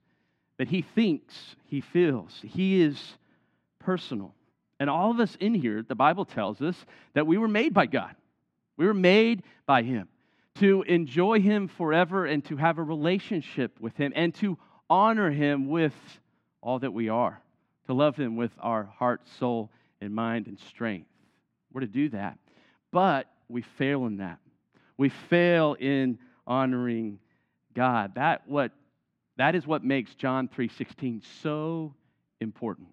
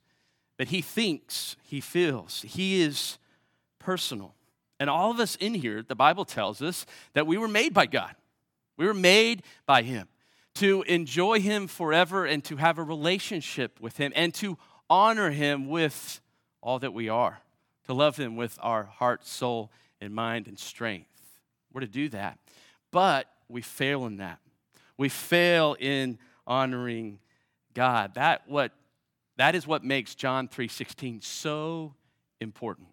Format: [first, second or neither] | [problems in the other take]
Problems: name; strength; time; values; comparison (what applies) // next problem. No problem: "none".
second | muffled; slightly; fading above 2.5 kHz